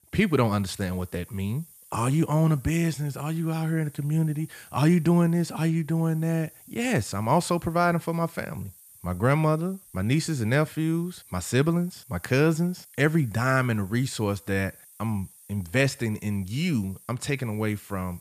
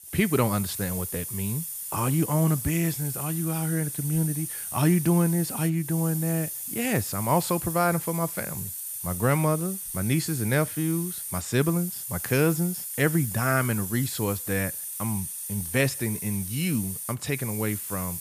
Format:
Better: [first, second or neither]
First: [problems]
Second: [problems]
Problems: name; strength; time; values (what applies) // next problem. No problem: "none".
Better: first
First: hiss; faint; throughout; 25 dB below the speech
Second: hiss; loud; throughout; 5 dB below the speech